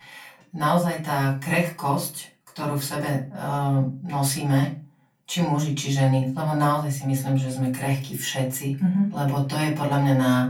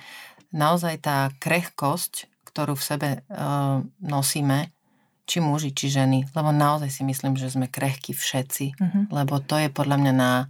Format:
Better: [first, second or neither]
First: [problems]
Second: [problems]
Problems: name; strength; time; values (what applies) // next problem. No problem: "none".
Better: second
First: off-mic speech; far // room echo; slight; dies away in 0.3 s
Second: none